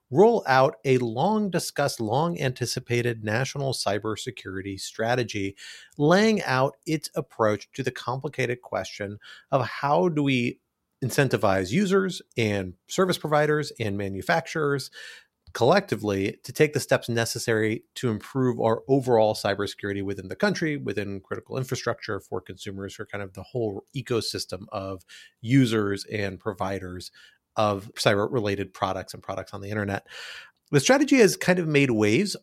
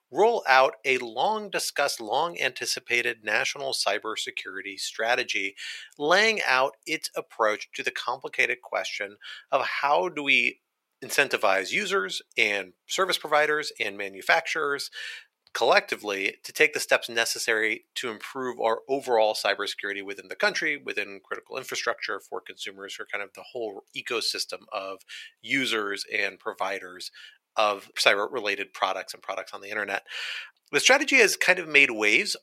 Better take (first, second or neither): first